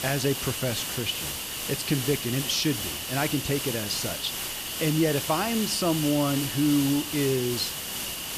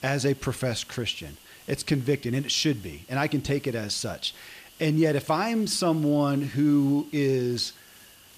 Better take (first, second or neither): second